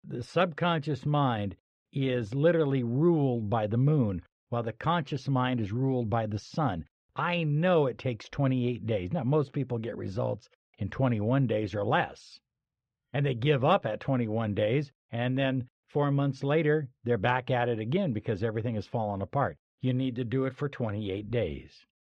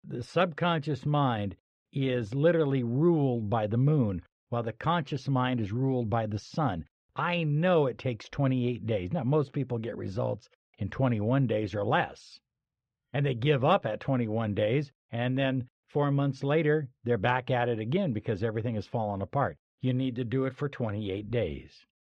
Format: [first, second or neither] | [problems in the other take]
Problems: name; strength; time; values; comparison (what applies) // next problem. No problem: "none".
neither | muffled; slightly; fading above 3 kHz; the same in both